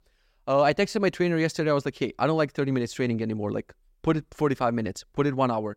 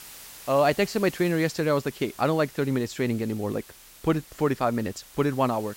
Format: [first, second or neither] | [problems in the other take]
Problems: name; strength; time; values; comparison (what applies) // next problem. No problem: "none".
first | hiss; noticeable; throughout; 20 dB below the speech